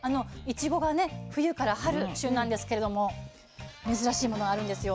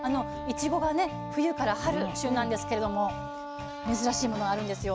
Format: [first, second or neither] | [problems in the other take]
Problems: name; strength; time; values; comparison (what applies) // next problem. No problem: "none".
first | background sound (Wind instrument, woodwind instrument); 8 dB below the speech